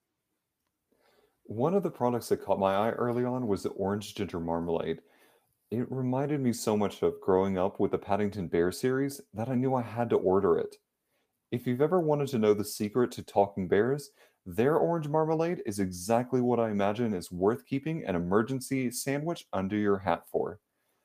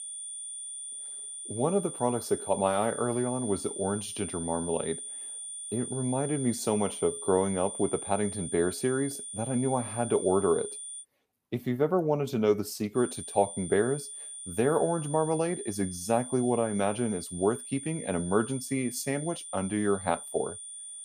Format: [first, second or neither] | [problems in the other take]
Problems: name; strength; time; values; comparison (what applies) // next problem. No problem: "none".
first | high-pitched whine; loud; until 11 s and from 13 s on; 9 kHz, 8 dB below the speech